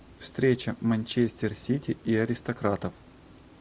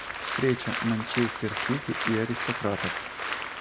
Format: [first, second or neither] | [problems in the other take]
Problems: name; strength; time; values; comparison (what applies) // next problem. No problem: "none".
first | background sound (Applause); 3 dB below the speech